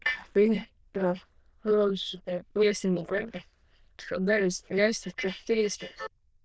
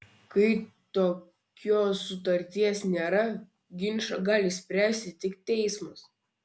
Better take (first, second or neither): second